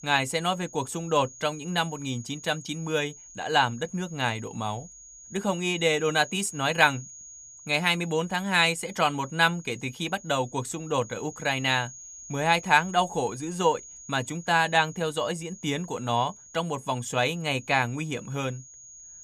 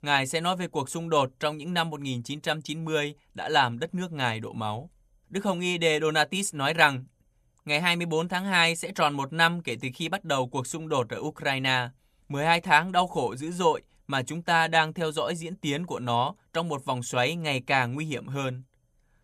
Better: second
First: high-pitched whine; noticeable; throughout; 6.5 kHz, 15 dB below the speech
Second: none

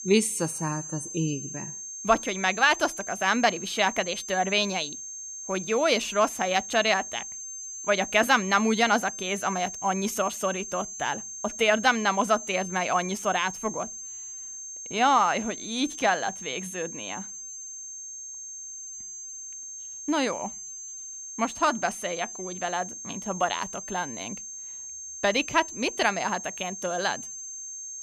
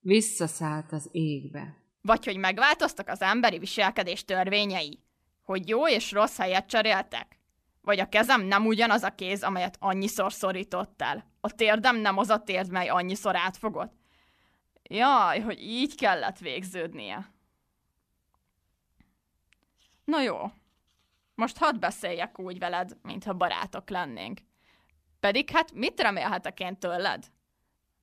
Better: second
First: high-pitched whine; loud; throughout; 6.5 kHz, 9 dB below the speech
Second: none

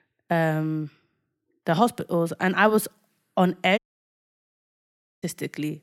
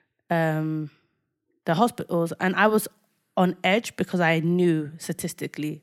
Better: second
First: audio cutting out; at 4 s for 1.5 s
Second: none

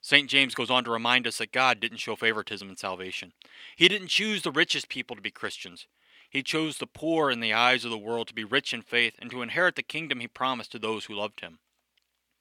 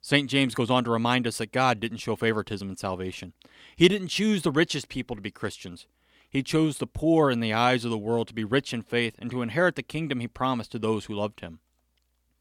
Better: second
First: thin; somewhat; fading below 850 Hz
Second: none

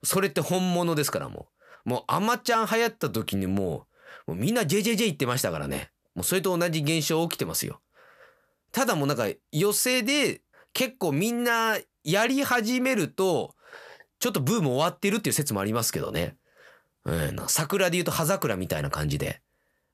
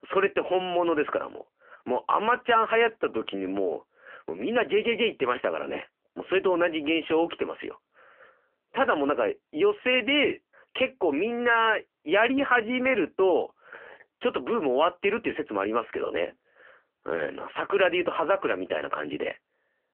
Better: first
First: none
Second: phone-call audio; poor line; nothing above 3 kHz

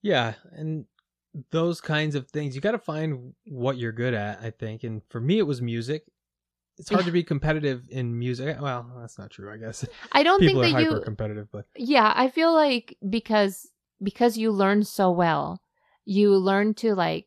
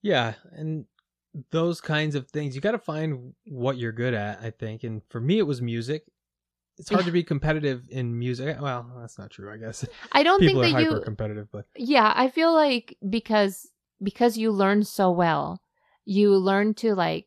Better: neither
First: none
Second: none

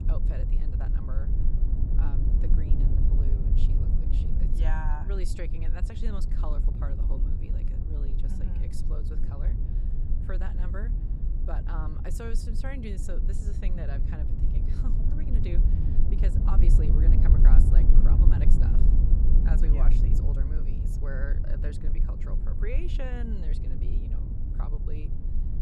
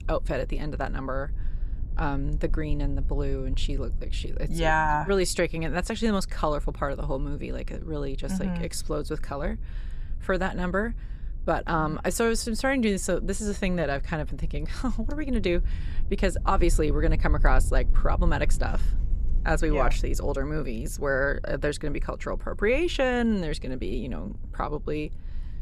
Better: second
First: low rumble; loud; throughout; 1 dB below the speech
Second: low rumble; faint; throughout; 25 dB below the speech

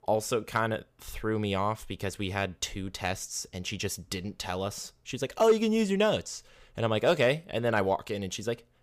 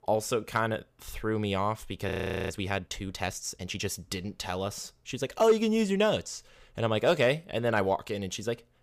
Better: first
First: none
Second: audio freezing; at 2 s

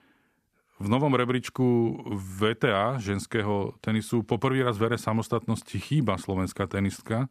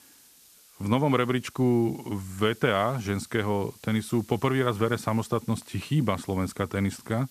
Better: first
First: none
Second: hiss; faint; throughout; 25 dB below the speech

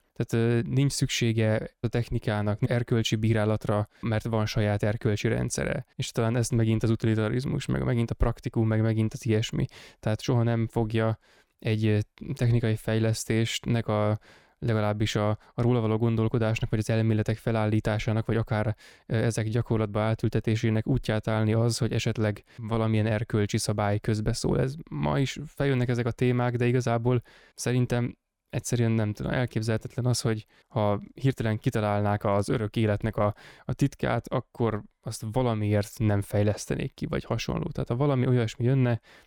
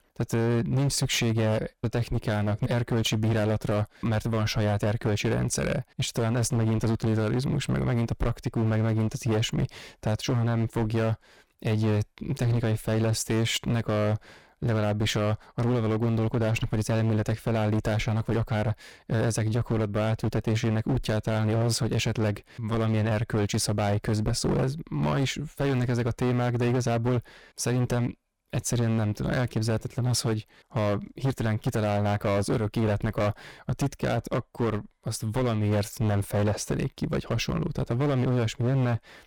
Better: first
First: none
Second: distortion; heavy; 19% of the sound clipped

